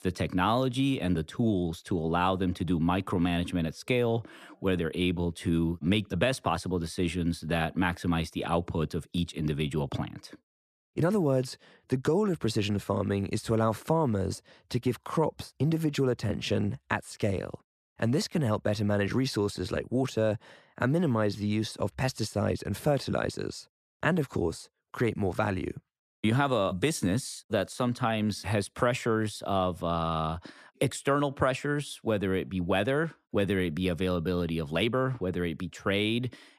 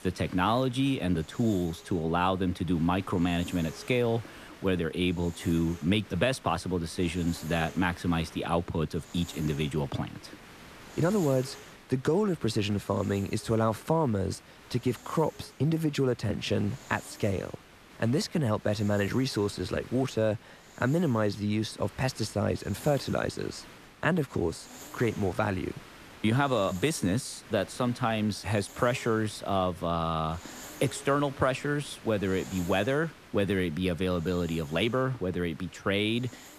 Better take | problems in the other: first | hiss; noticeable; throughout; 20 dB below the speech

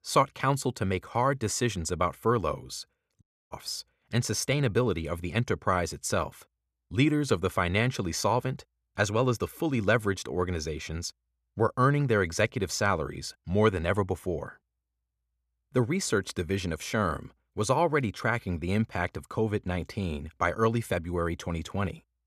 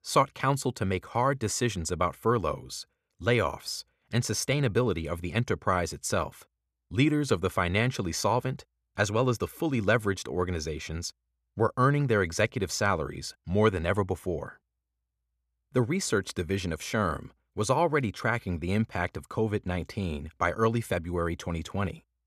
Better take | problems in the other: second | audio cutting out; at 3 s

